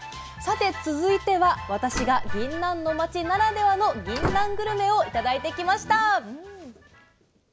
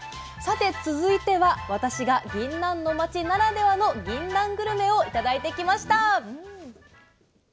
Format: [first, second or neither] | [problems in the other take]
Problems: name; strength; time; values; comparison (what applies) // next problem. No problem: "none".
second | background sound (Slam); 7 dB below the speech